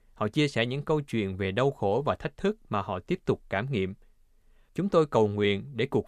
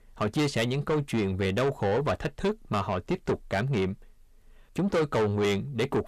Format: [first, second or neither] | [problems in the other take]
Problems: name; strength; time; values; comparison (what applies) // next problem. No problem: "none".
first | distortion; heavy; 7 dB below the speech